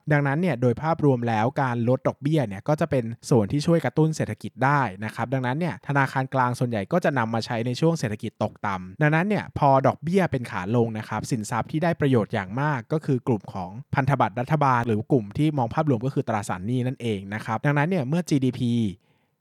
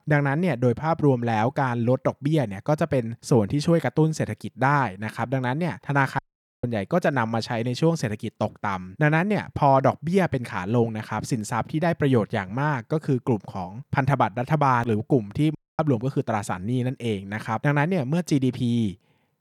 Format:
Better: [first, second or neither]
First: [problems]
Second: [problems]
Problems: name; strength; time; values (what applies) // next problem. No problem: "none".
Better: first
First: none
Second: audio cutting out; at 6 s and at 16 s